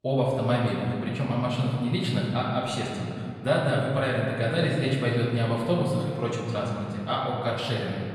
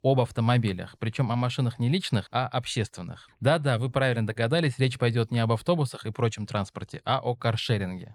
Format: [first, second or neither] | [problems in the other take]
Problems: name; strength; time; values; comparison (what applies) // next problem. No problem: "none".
second | room echo; noticeable; dies away in 2.2 s // off-mic speech; far